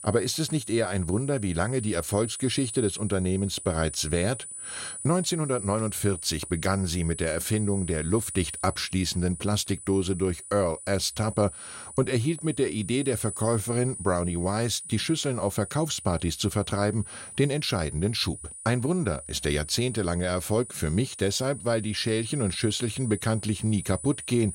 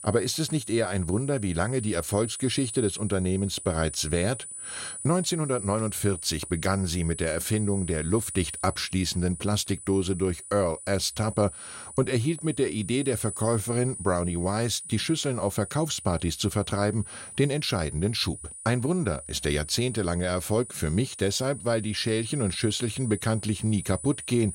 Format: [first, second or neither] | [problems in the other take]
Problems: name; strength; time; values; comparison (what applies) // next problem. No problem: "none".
neither | high-pitched whine; loud; throughout; 9.5 kHz, 10 dB below the speech; the same in both